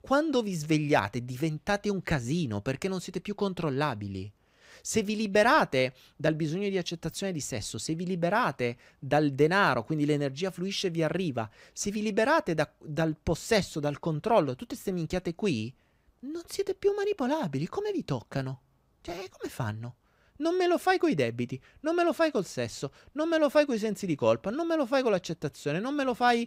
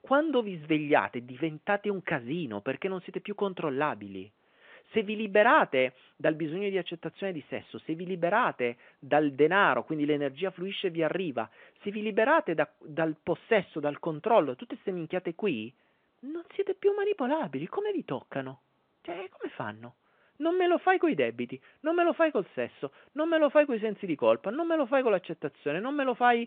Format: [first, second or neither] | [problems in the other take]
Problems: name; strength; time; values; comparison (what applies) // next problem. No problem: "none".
first | phone-call audio